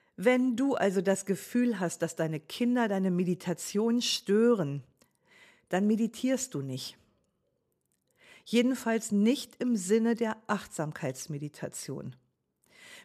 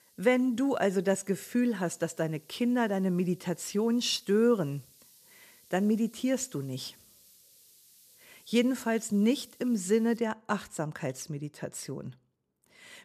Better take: first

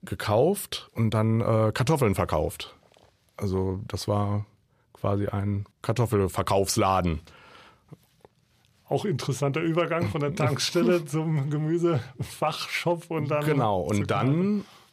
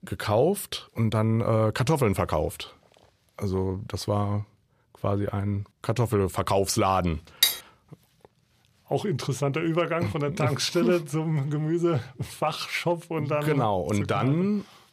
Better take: first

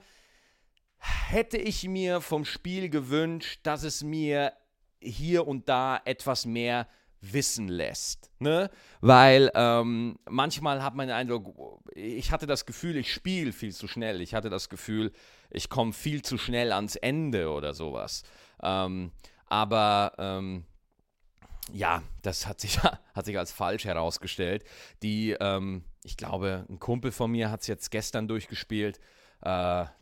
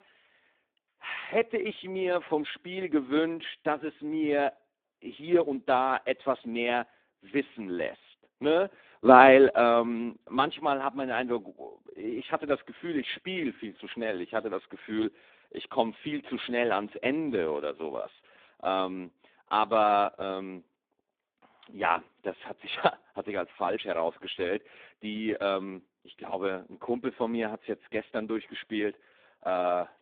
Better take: first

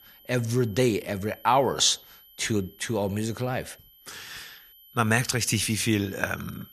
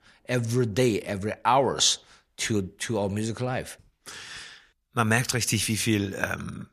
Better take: second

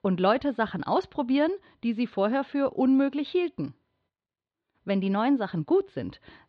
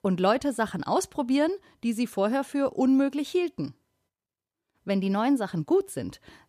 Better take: second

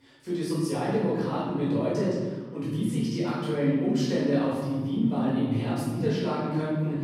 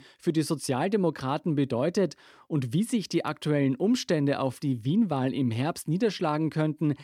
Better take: second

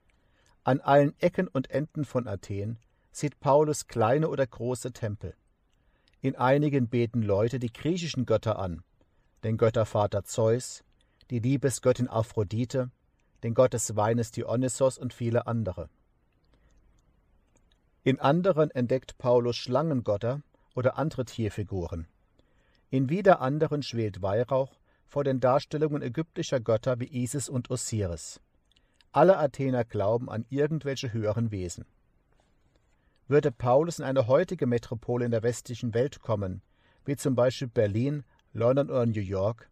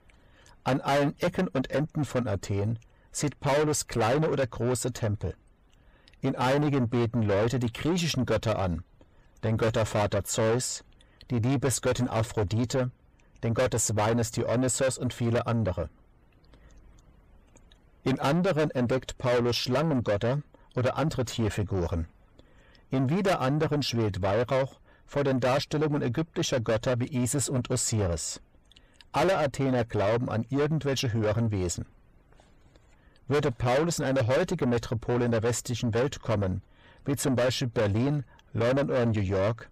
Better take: first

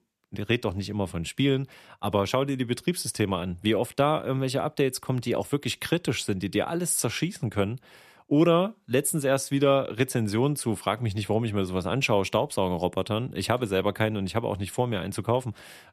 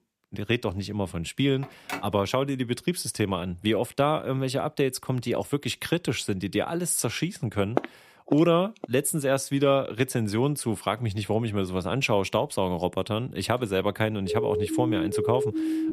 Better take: first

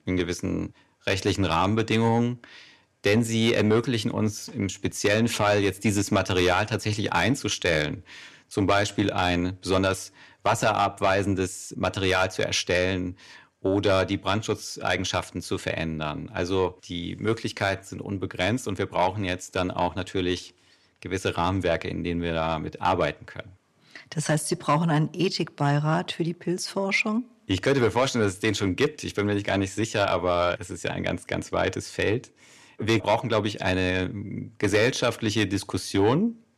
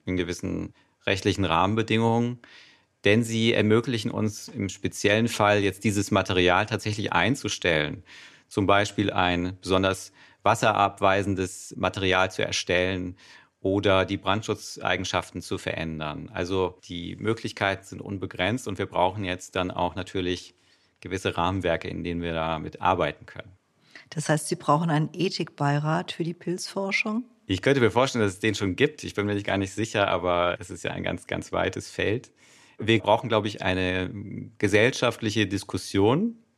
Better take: second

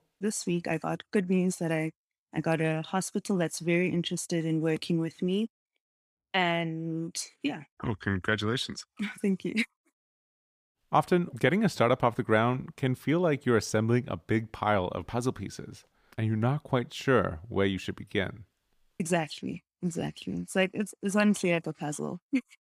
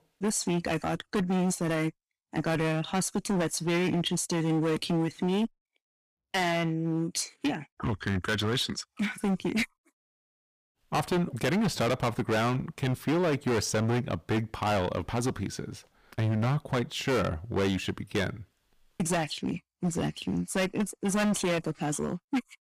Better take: first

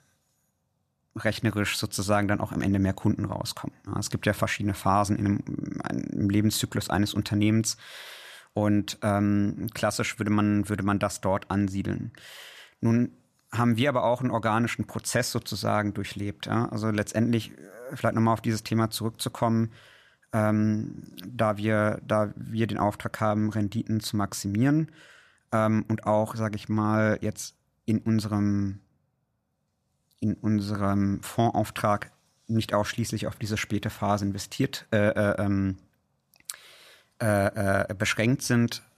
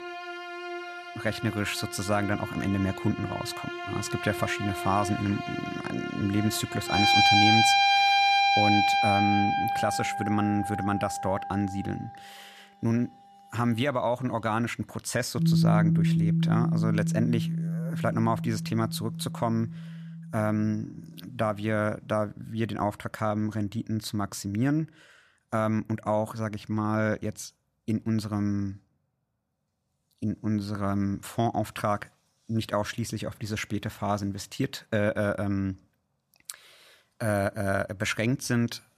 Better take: first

